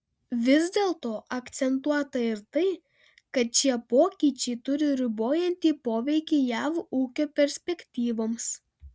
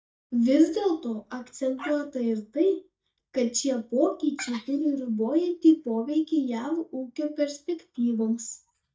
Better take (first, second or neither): first